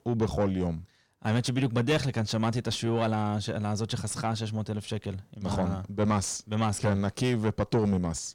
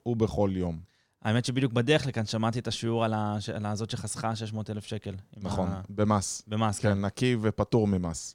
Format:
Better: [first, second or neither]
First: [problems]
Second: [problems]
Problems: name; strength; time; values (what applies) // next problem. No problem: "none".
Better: second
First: distortion; slight; 10 dB below the speech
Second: none